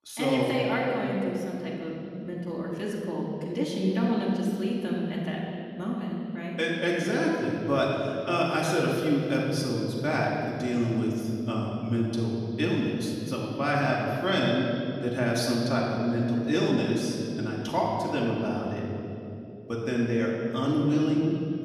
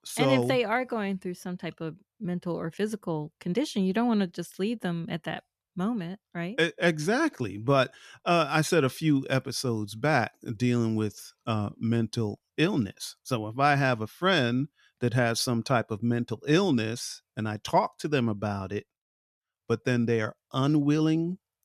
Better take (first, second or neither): second